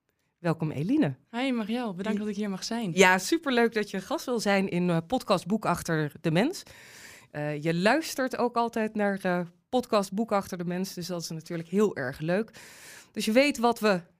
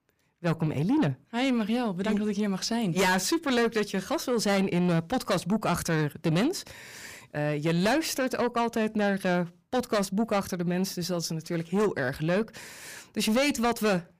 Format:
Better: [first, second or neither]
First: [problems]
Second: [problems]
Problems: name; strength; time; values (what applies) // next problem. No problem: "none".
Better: first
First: none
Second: distortion; heavy; 7 dB below the speech